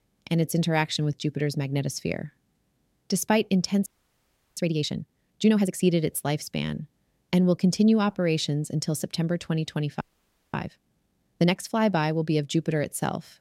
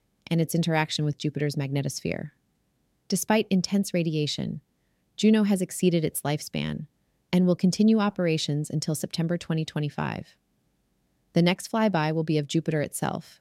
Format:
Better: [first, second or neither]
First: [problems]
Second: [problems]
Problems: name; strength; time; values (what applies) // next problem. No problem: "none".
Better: second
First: audio freezing; at 4 s for 0.5 s and at 10 s for 0.5 s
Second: none